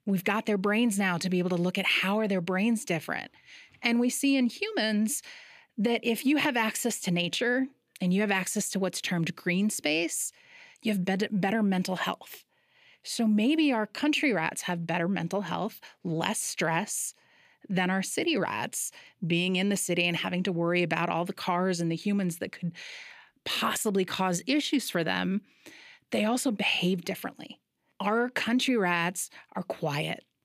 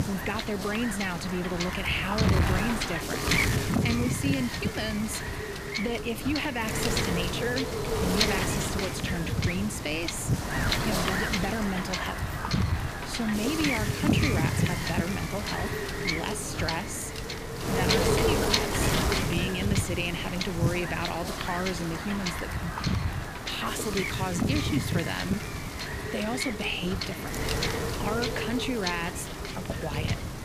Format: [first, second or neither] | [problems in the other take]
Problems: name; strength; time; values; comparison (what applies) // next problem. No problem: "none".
first | wind noise on the microphone; heavy; 2 dB above the speech